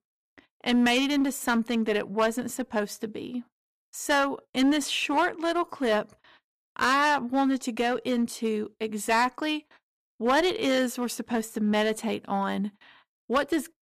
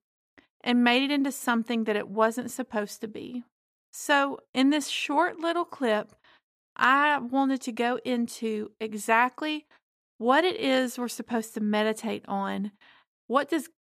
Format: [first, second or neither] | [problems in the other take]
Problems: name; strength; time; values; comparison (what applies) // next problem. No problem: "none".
second | distortion; slight; 6% of the sound clipped